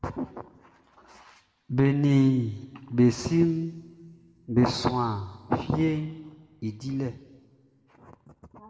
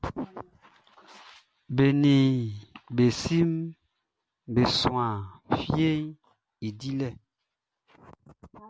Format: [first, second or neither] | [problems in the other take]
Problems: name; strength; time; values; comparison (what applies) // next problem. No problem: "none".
second | room echo; dies away in 1.2 s